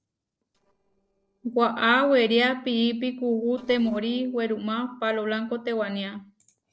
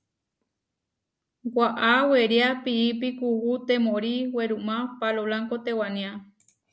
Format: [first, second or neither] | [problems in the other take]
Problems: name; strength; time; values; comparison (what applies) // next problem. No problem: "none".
second | noise reduction (neural separator model SepFormer DNS4)